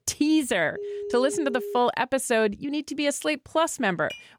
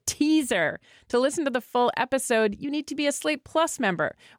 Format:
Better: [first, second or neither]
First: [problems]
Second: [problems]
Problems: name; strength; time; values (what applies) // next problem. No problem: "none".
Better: second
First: phone ringing; noticeable; from 1 to 2 s; peak 8 dB below the speech // clattering dishes; very faint; at 4 s; peak 15 dB below the speech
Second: none